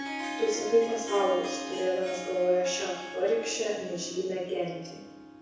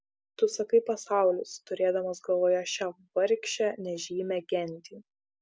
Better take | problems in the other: second | background sound (Harp); 9 dB below the speech // room echo; dies away in 1 s

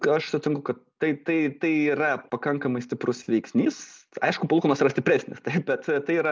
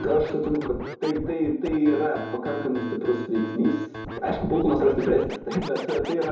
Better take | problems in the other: first | background sound (Scratching (performance technique)); 11 dB below the speech // room echo; dies away in 2.6 s

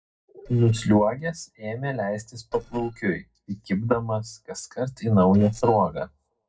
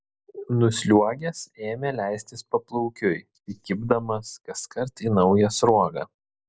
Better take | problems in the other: second | noise reduction (neural separator model SepFormer DNS4)

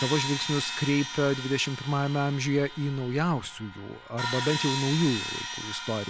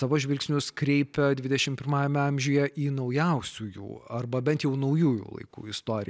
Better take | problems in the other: second | background sound (Crash cymbal); 7 dB below the speech

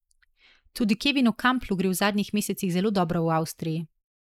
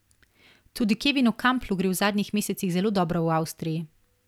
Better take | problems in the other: second | noise reduction (neural mask model Resemble Enhance denoiser)

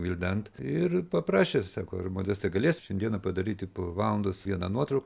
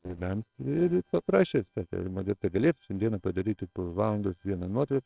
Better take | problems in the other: first | noise reduction (neural separator model SepFormer WHAMR!)

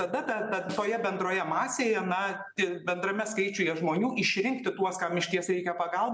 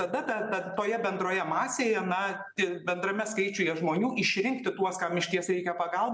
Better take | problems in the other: second | background sound (Snare drum); 19 dB below the speech

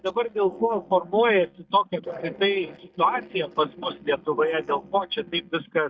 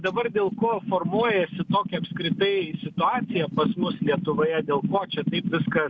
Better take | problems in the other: second | noise reduction (neural mask model DeepFilterNet 3)

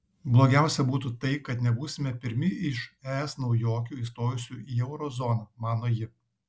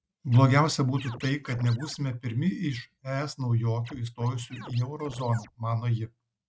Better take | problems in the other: first | noise reduction (neural mask model RNNoise)

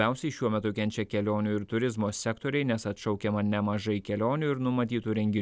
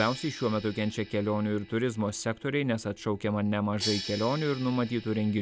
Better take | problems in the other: first | background sound (Crash cymbal); 14 dB below the speech

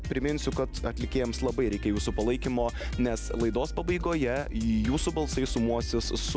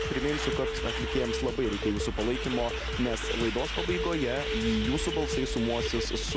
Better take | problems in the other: first | background sound (Truck + Telephone); 4 dB below the speech

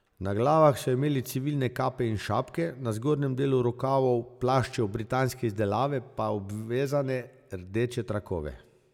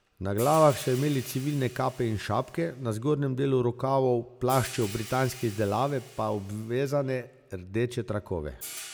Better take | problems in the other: first | background sound (Hi-hat); 18 dB below the speech

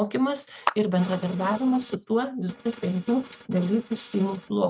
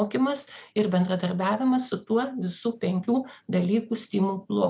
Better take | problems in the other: second | noise reduction (neural mask model RNNoise)

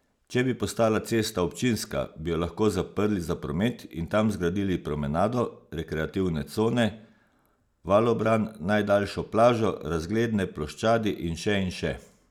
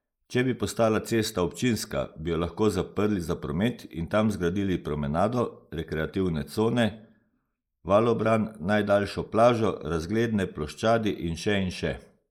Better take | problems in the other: first | noise reduction (neural mask model Resemble Enhance denoiser)

